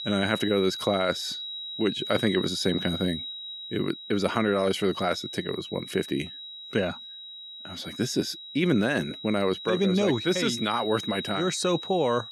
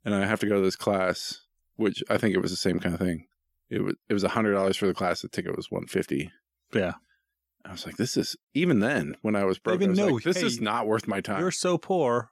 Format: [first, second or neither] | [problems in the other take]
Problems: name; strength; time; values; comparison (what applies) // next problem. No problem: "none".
second | high-pitched whine; loud; throughout; 4 kHz, 8 dB below the speech